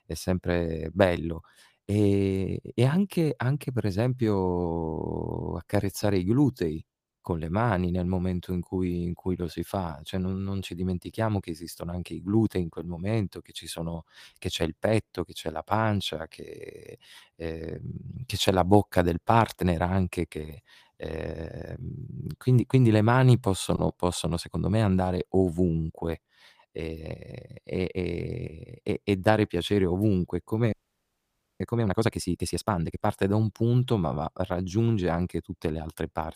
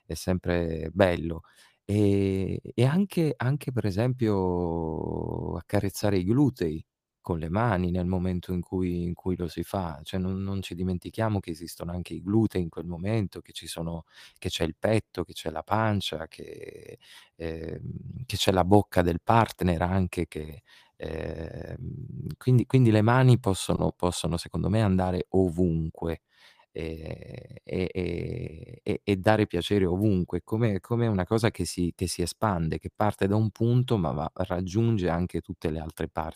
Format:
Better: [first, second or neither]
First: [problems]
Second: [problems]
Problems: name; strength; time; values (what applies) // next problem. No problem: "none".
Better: second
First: audio freezing; at 31 s for 1 s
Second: none